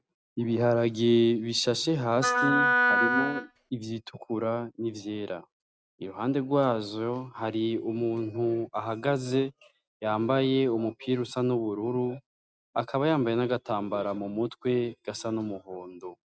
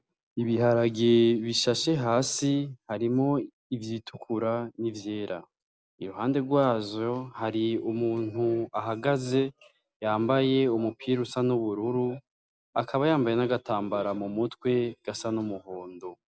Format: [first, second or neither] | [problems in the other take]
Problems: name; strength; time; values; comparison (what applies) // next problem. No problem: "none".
second | noise reduction (neural mask model RNNoise)